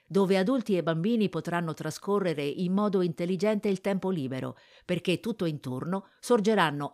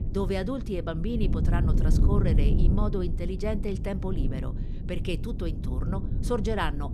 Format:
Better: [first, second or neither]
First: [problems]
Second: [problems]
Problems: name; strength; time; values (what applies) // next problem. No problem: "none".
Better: first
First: none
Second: low rumble; loud; throughout; 6 dB below the speech